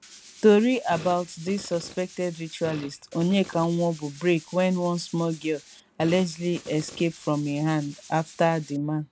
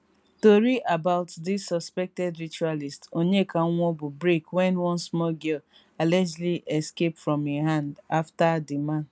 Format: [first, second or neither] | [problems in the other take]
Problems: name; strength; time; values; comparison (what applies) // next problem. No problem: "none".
second | background sound (Fart + Tools); 19 dB below the speech